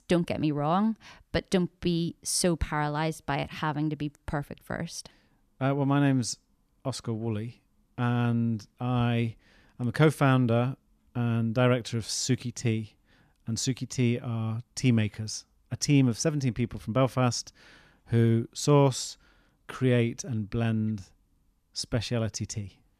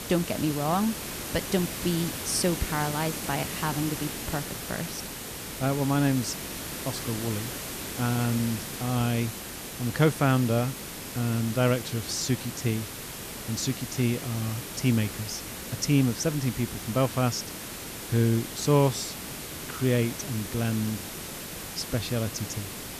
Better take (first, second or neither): first